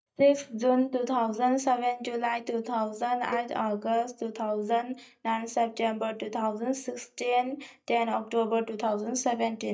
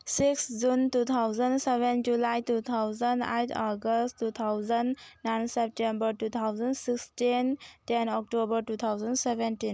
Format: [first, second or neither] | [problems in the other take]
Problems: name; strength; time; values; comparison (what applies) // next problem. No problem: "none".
second | noise reduction (neural mask model DeepFilterNet 3)